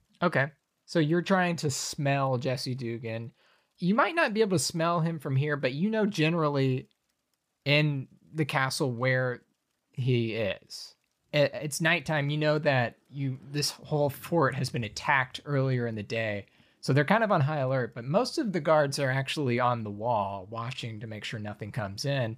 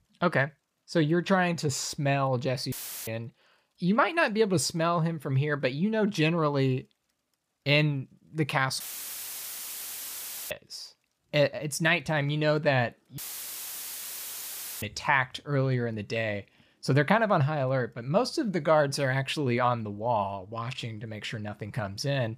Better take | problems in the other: first | audio cutting out; filled with static; at 2.5 s, at 9 s for 1.5 s and at 13 s for 1.5 s

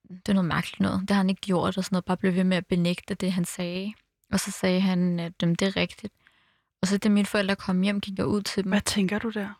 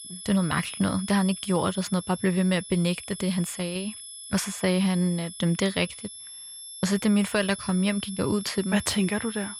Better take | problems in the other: first | high-pitched whine; noticeable; throughout; 11 kHz, 10 dB below the speech

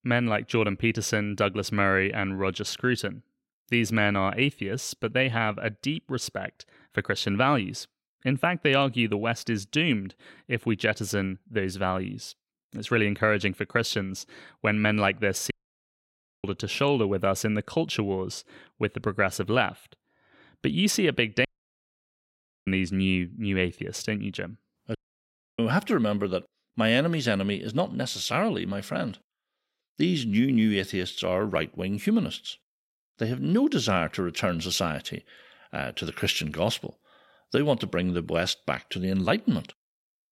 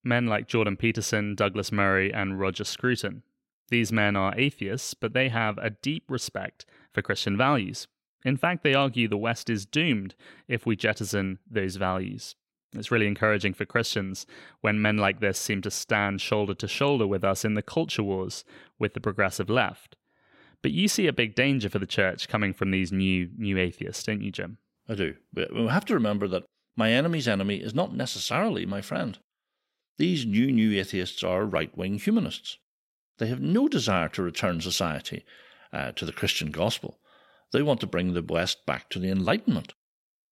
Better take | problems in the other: second | audio cutting out; at 16 s for 1 s, at 21 s for 1 s and at 25 s for 0.5 s

